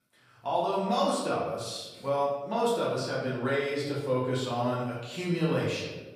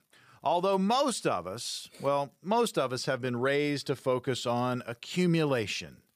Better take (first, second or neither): second